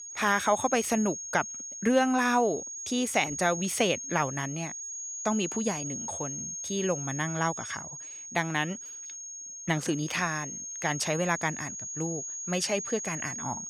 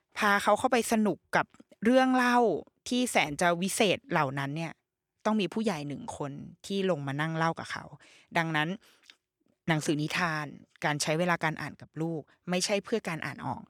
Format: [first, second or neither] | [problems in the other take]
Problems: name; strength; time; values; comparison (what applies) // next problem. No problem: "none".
second | high-pitched whine; loud; throughout; 6.5 kHz, 6 dB below the speech